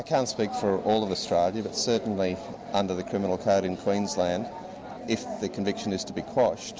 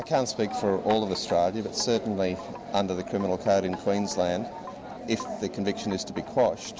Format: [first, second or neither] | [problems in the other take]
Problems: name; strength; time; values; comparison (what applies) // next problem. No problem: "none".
first | background sound (Wind chime); 19 dB below the speech